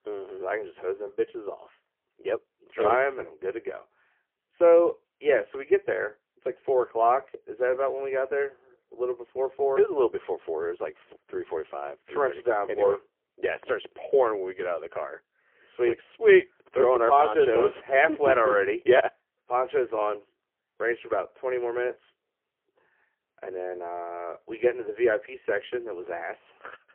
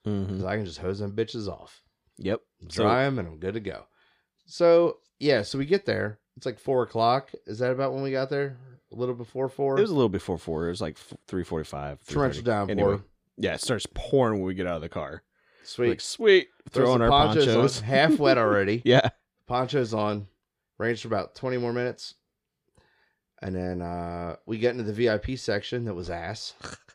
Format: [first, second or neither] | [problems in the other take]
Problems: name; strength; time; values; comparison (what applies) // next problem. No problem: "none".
second | phone-call audio; poor line; nothing above 3 kHz